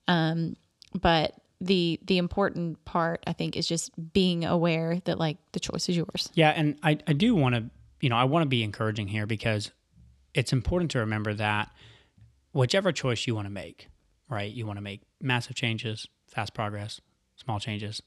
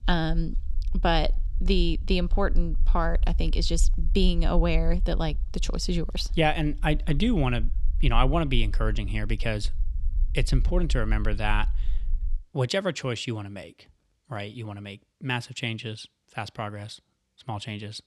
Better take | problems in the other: first | low rumble; faint; until 12 s; 25 dB below the speech

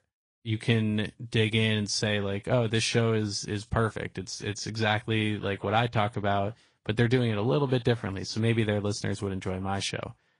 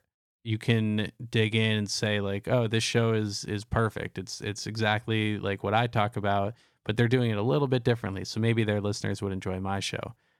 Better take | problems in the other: second | garbled, watery; slightly; nothing above 10 kHz

